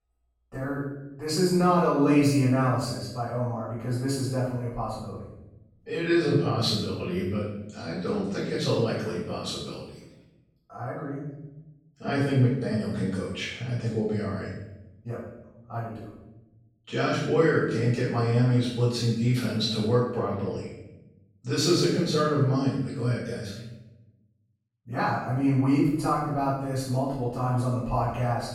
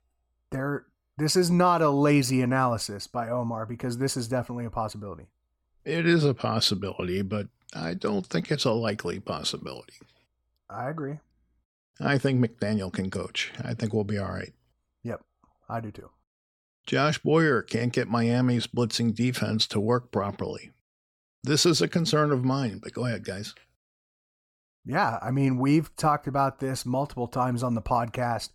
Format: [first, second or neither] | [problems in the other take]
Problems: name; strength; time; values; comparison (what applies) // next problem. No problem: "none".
second | off-mic speech; far // room echo; strong; dies away in 0.9 s